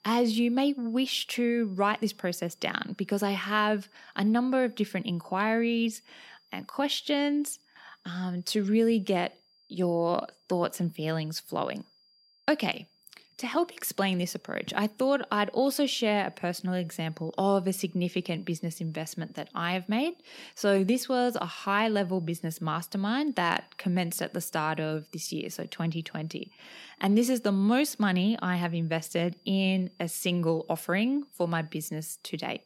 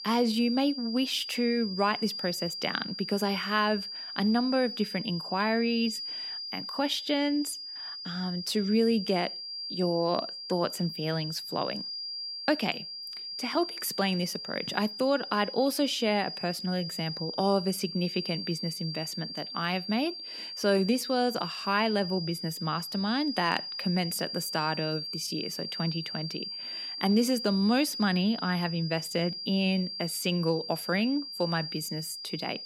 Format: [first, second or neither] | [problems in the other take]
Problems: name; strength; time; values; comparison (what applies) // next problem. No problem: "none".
first | high-pitched whine; loud; throughout; 4.5 kHz, 6 dB below the speech; faint in the first